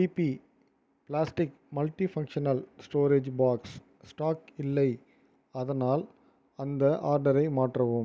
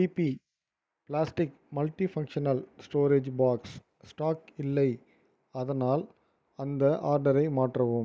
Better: first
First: none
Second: noise reduction (neural mask model Resemble Enhance denoiser)

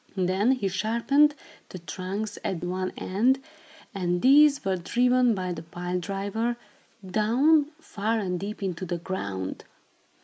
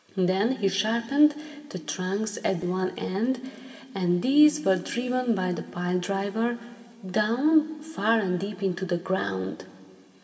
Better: first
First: none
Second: room echo; dies away in 1.7 s

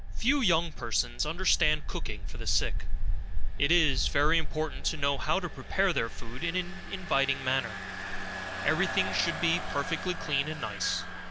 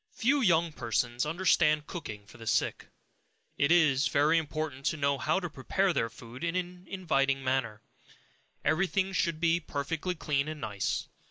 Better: second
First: background sound (Engine); 2 dB above the speech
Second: none

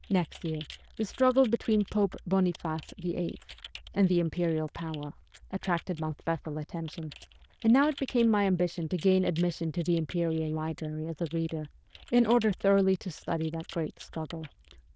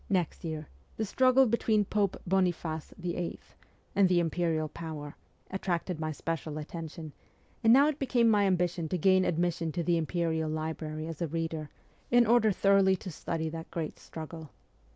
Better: second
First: noise reduction (neural diffusion model UNIVERSE++)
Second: none

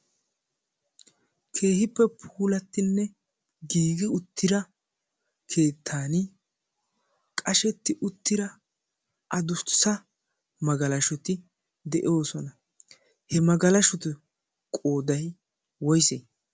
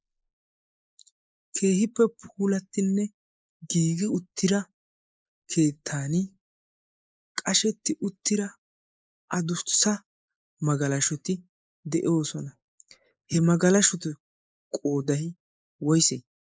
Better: first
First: none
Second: noise reduction (neural mask model Resemble Enhance denoiser)

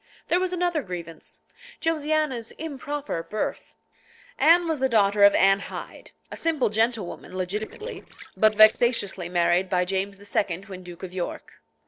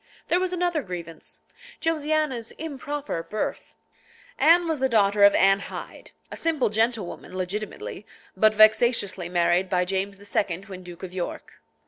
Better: second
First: noise reduction (neural separator model SepFormer DNS4)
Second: none

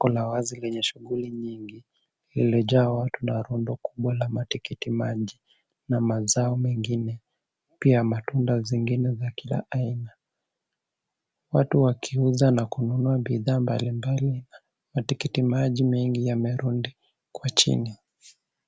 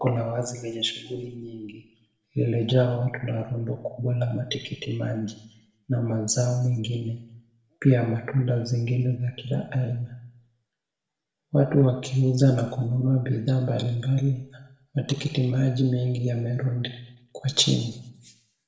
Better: first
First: none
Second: room echo; dies away in 0.7 s

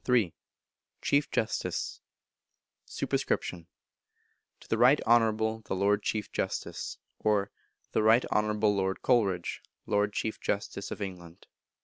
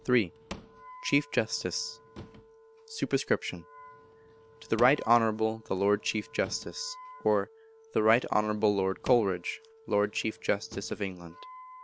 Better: first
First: none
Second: background sound (Wind instrument, woodwind instrument + Drawer open or close / Wood); 19 dB below the speech

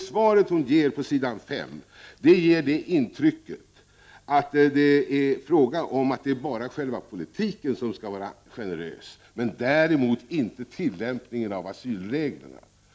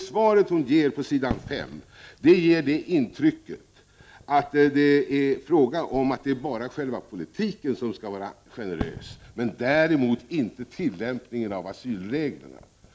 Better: first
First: none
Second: background sound (Fireworks); 20 dB below the speech

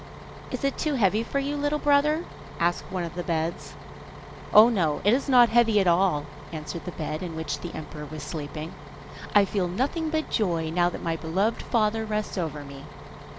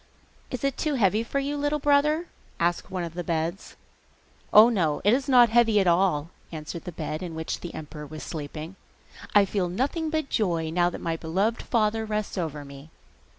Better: second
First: background sound (Bus); 14 dB below the speech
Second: none

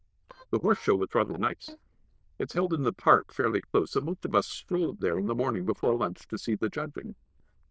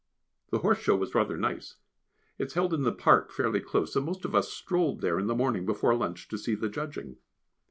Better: second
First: noise reduction (neural diffusion model UNIVERSE++)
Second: none

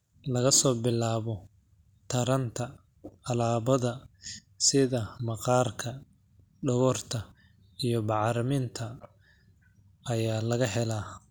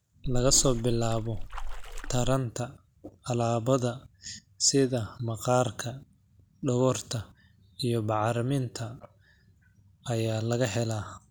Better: first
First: none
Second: background sound (Splash, splatter); 2 dB below the speech

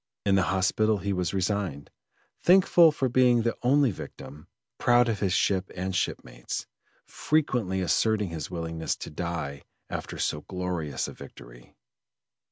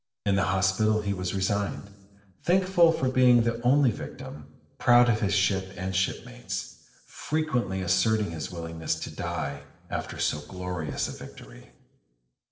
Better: first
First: none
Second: noise reduction (neural separator model SepFormer DNS4)

